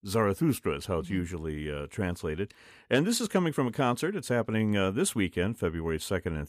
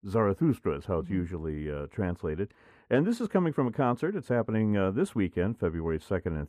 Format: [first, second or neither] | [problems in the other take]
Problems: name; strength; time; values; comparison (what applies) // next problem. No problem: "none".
first | muffled; very; fading above 2.5 kHz